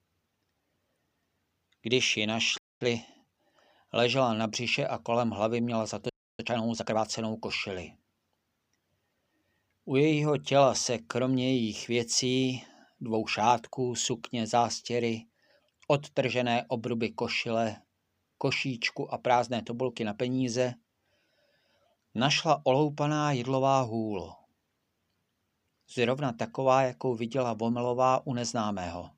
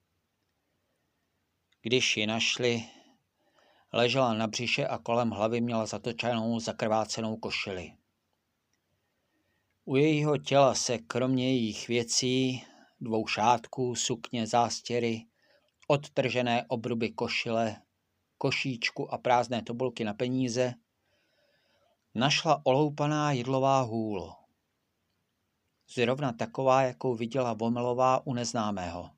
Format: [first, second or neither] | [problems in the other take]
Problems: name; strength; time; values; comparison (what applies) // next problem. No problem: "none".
second | audio freezing; at 2.5 s and at 6 s